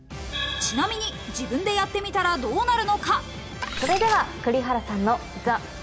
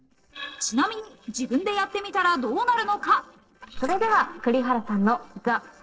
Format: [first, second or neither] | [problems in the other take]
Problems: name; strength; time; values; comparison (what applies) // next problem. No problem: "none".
first | noise reduction (neural separator model SepFormer DNS4)